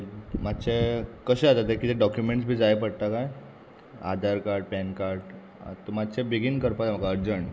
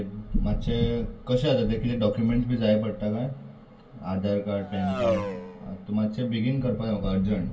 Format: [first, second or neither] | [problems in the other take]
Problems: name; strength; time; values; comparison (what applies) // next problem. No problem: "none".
first | background sound (Race car, auto racing); 5 dB below the speech // room echo; dies away in 0.2 s